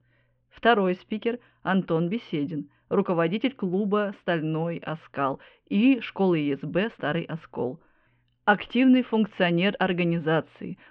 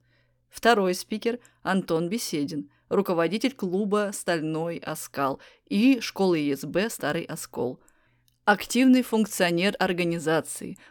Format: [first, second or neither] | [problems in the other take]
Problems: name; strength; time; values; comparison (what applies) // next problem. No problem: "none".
second | muffled; very; fading above 3 kHz